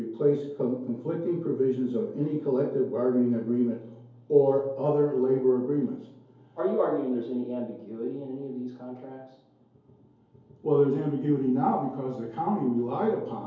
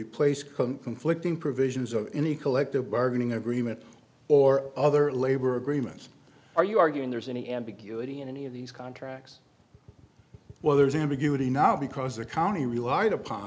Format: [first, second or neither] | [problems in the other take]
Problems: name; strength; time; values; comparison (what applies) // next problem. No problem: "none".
second | room echo; dies away in 2.4 s